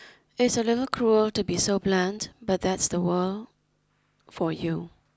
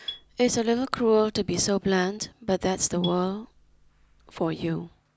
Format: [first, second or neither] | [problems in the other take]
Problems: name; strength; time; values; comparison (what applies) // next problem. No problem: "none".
first | background sound (Marimba, xylophone); 19 dB below the speech